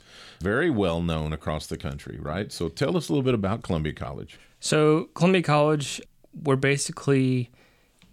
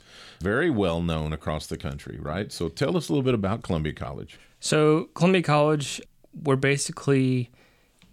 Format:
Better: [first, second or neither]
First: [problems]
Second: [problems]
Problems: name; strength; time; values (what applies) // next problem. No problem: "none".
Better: neither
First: none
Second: none